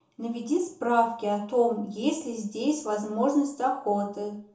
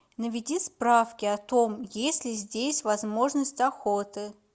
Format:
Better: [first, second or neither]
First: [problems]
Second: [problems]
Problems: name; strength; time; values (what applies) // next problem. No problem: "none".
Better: second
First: room echo; dies away in 0.9 s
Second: none